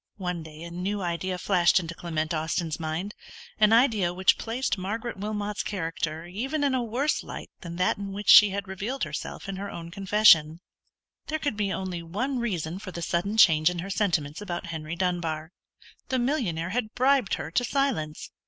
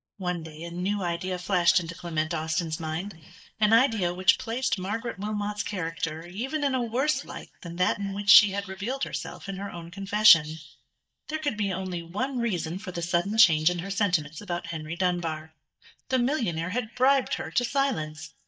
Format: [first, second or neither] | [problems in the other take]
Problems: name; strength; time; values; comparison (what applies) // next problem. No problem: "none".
first | noise reduction (neural mask model DeepFilterNet 3)